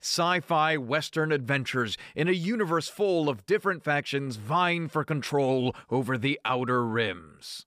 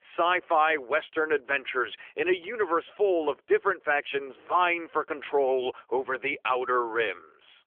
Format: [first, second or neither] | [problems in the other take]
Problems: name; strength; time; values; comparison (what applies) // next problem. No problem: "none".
first | phone-call audio; nothing above 3.5 kHz